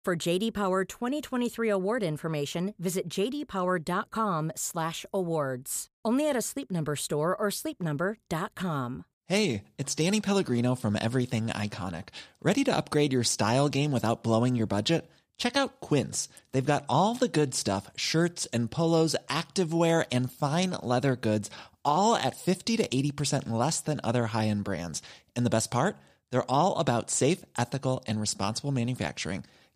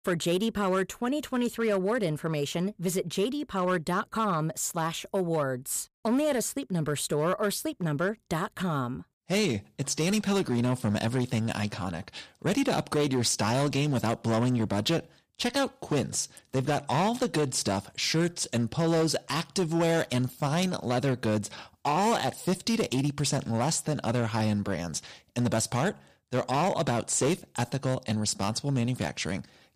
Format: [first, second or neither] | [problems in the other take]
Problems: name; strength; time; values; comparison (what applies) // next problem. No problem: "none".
first | distortion; slight; 8% of the sound clipped